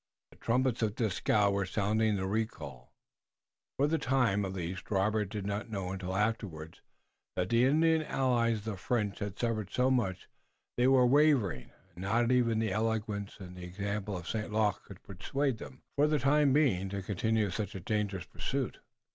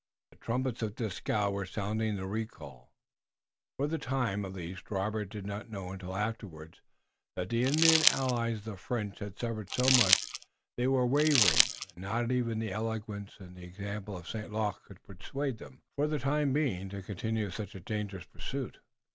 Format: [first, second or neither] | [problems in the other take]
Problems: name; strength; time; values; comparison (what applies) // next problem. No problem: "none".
first | background sound (Crumpling, crinkling); 4 dB above the speech